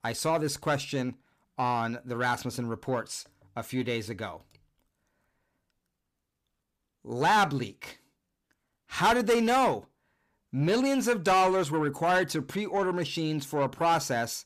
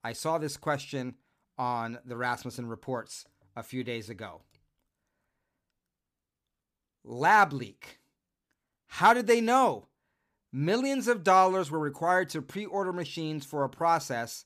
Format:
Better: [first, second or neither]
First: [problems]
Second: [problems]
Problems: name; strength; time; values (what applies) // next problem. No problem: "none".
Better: second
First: distortion; heavy; 8 dB below the speech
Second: none